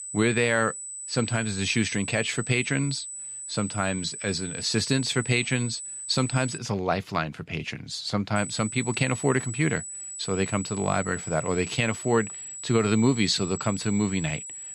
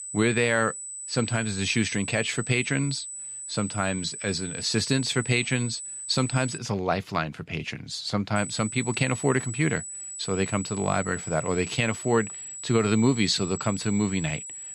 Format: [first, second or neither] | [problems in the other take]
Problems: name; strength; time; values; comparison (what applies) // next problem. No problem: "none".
neither | high-pitched whine; loud; until 6.5 s and from 8.5 s on; 8 kHz, 8 dB below the speech; the same in both